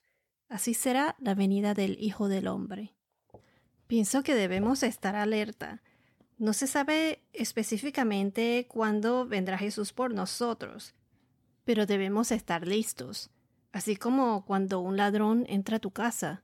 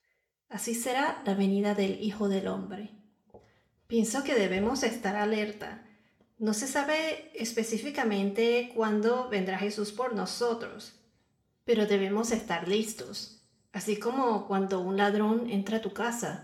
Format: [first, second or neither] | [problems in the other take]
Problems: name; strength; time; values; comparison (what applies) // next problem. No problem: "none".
first | room echo; very slight; dies away in 0.5 s